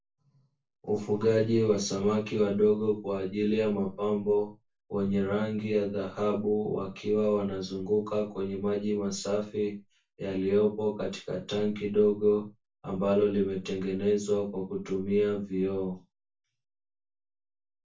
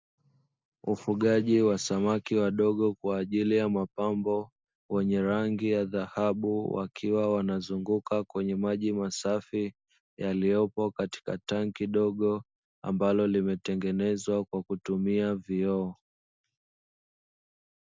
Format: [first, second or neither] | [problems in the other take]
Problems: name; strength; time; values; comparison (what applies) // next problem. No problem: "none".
second | room echo; dies away in 0.2 s